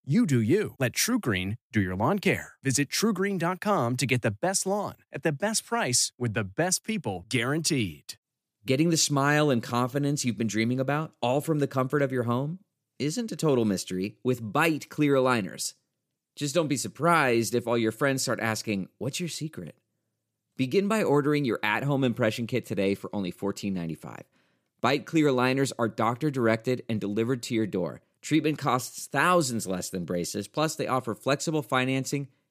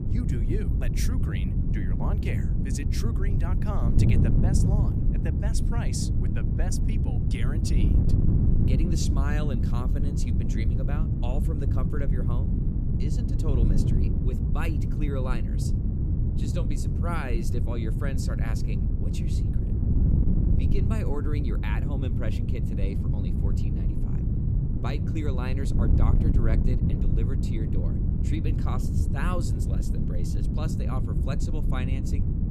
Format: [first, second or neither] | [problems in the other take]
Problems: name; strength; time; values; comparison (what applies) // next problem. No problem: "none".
first | wind noise on the microphone; heavy; 1 dB above the speech